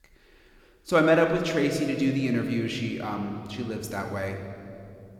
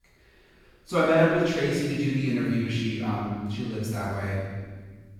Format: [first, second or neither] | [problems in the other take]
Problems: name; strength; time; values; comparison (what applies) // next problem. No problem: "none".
first | room echo; strong; dies away in 1.7 s; slight in the first // off-mic speech; far